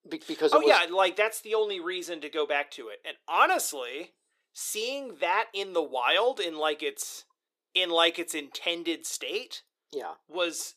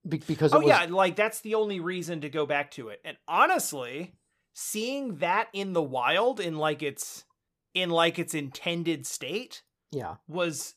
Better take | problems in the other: second | thin; somewhat; fading below 350 Hz

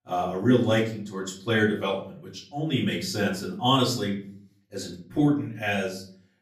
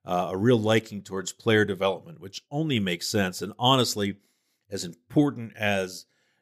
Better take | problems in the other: second | room echo; slight; dies away in 0.5 s // off-mic speech; far

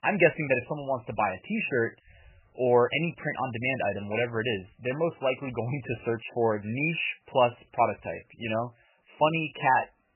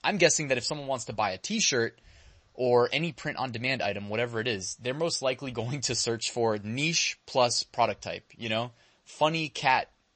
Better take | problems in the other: second | garbled, watery; badly; nothing above 3 kHz; slightly in the second

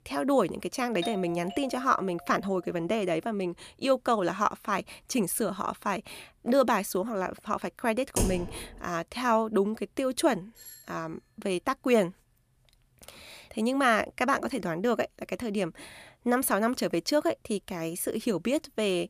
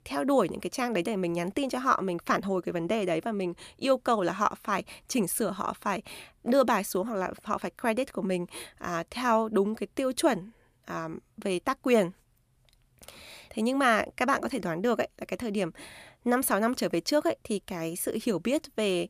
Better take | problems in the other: second | doorbell; noticeable; from 1 to 2.5 s; peak 9 dB below the speech // keyboard typing; noticeable; at 8 s; peak 1 dB below the speech // doorbell; faint; at 11 s; peak 20 dB below the speech

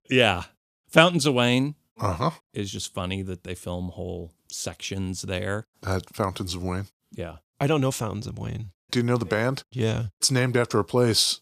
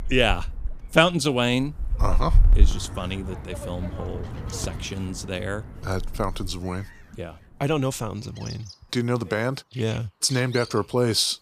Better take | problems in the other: first | animal sounds; loud; throughout; 4 dB below the speech

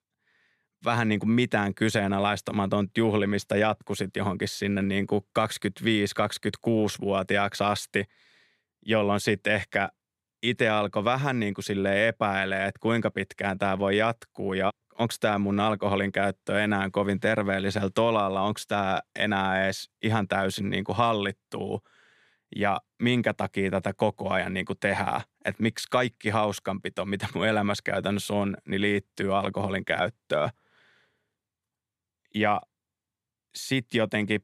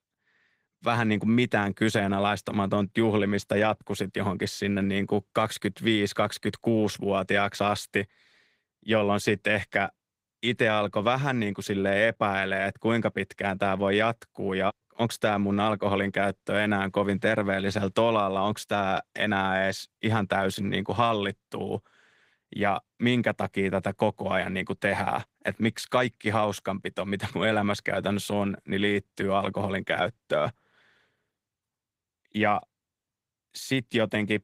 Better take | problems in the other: first | garbled, watery; slightly; nothing above 15.5 kHz

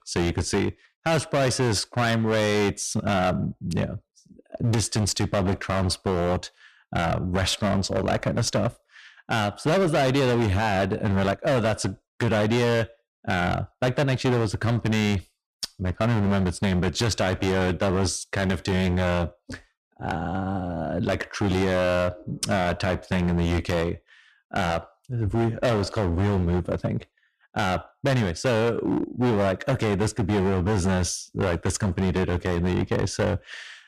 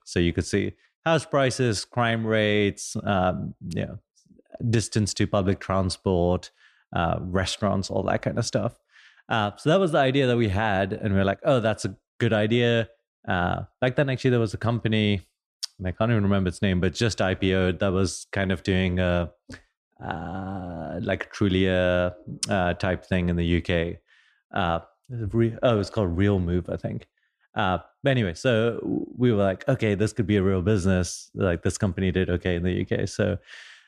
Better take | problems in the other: second | distortion; heavy; 18% of the sound clipped

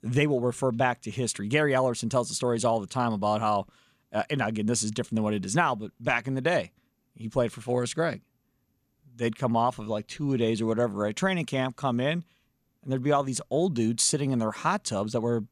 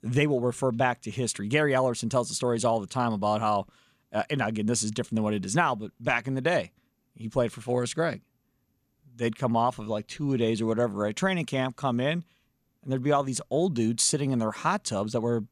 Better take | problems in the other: neither | none

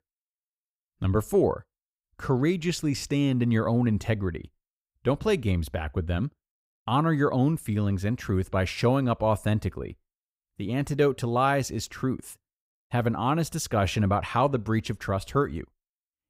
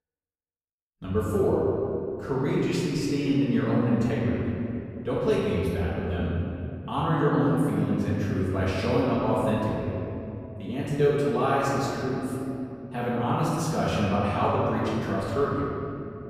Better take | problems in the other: first | off-mic speech; far // room echo; strong; dies away in 2.7 s

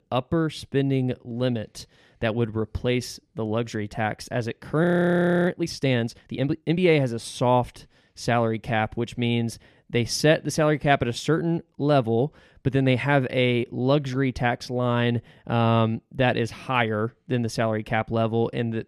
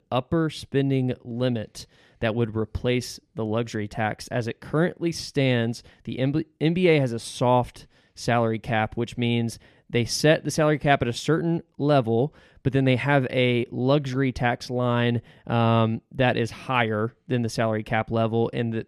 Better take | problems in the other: second | audio freezing; at 5 s for 0.5 s

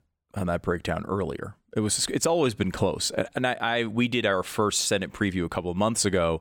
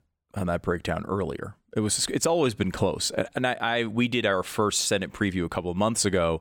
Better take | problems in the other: neither | none

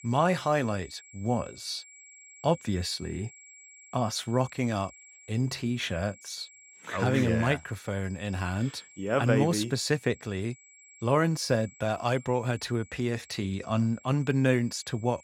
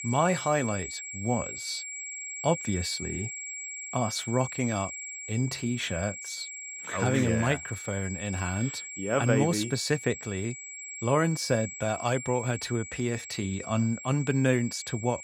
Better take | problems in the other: first | high-pitched whine; loud; throughout; 2.5 kHz, 8 dB below the speech; faint in the first

